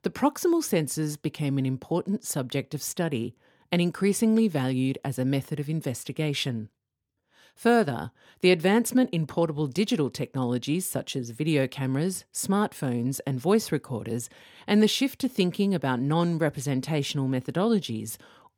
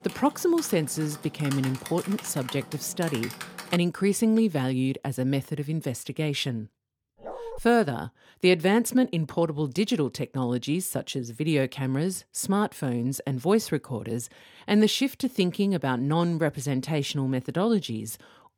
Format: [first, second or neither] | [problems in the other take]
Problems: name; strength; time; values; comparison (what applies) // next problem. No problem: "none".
first | keyboard typing; noticeable; until 4 s; peak 10 dB below the speech // dog barking; faint; at 7 s; peak 10 dB below the speech